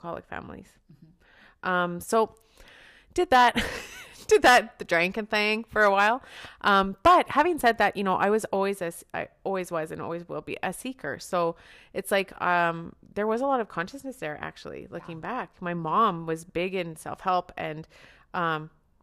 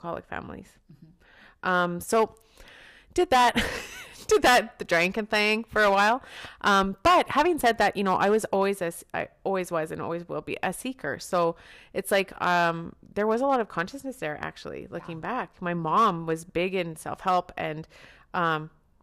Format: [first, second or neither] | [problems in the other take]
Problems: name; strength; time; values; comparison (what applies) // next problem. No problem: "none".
first | distortion; slight; 3% of the sound clipped